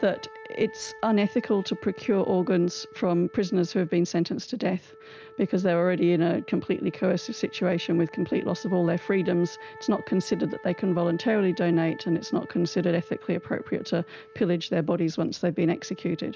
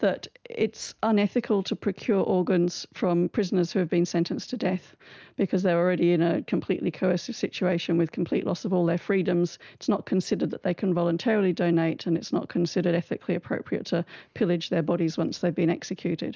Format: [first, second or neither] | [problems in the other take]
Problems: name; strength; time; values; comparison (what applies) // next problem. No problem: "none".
second | background sound (Wind instrument, woodwind instrument); 20 dB below the speech